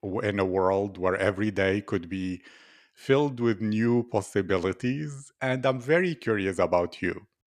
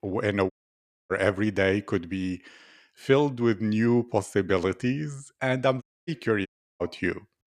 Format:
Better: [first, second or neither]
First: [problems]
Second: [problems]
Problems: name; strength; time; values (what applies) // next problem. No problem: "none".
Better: first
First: none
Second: audio cutting out; at 0.5 s for 0.5 s, at 6 s and at 6.5 s